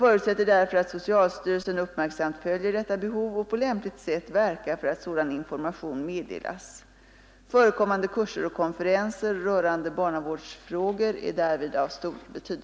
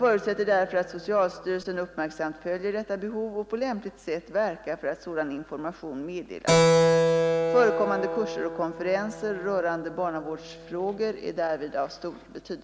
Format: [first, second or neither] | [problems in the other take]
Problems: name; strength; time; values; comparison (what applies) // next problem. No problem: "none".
first | background sound (Keyboard (musical)); 1 dB below the speech